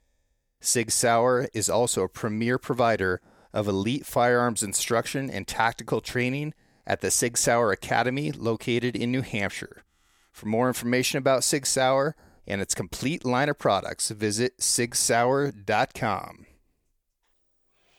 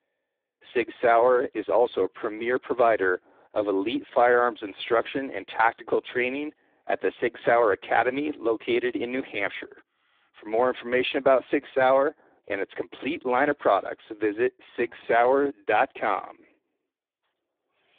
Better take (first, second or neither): first